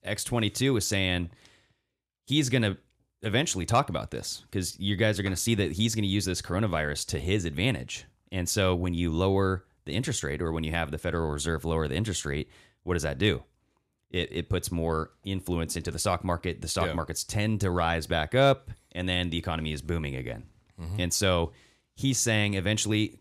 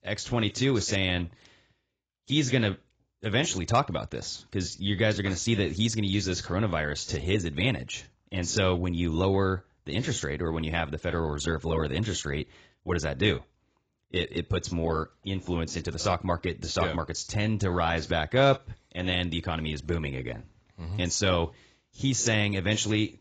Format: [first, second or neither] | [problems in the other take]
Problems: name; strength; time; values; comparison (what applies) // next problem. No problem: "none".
first | garbled, watery; badly; nothing above 7.5 kHz